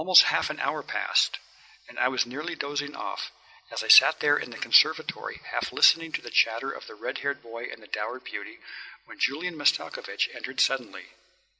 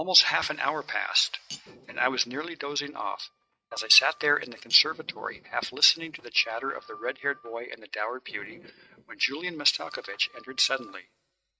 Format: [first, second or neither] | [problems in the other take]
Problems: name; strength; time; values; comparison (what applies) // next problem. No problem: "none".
first | noise reduction (neural mask model RNNoise)